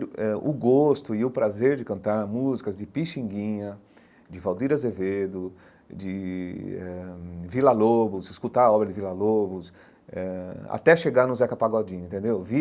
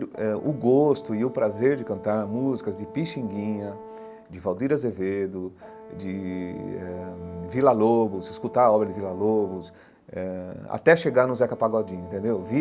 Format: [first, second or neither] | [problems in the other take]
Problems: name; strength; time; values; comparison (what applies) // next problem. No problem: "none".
first | background sound (Brass instrument); 17 dB below the speech